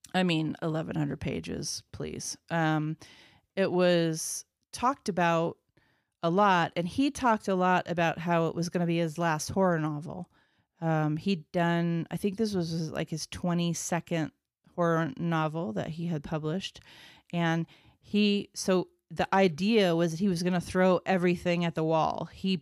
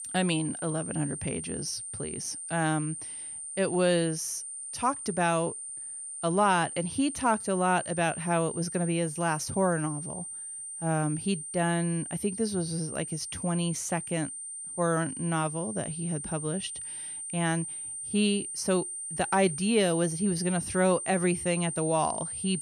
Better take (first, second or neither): first